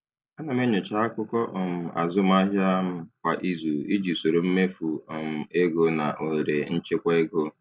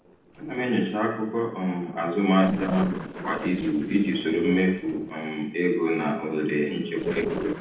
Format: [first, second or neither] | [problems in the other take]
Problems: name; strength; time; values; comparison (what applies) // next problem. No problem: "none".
first | noise reduction (neural separator model SepFormer DNS4)